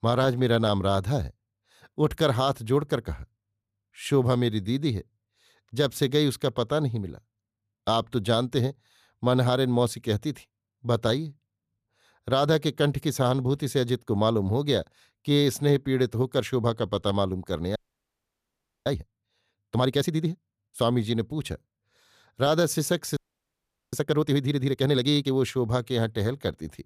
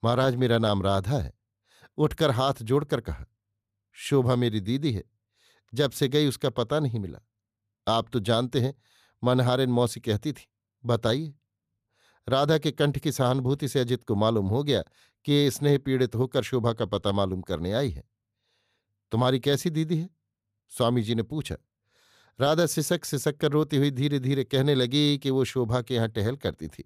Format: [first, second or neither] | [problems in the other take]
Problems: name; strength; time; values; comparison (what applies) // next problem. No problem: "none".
second | audio freezing; at 18 s for 1 s and at 23 s for 1 s